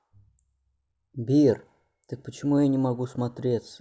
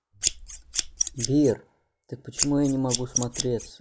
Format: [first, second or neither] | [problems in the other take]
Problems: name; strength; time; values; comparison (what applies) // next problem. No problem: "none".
first | noise reduction (neural mask model Resemble Enhance denoiser)